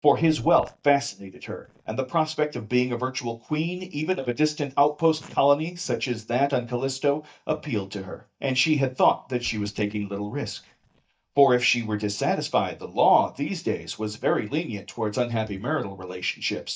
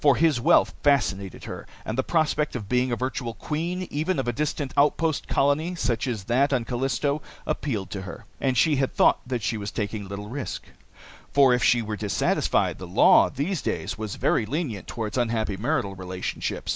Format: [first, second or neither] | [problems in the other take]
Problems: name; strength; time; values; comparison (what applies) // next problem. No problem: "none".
second | noise reduction (neural mask model DeepFilterNet 3)